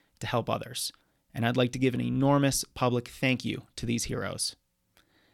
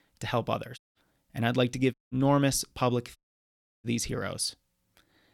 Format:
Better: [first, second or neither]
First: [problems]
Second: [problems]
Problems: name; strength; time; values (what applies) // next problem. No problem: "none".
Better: first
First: none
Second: audio cutting out; at 1 s, at 2 s and at 3 s for 0.5 s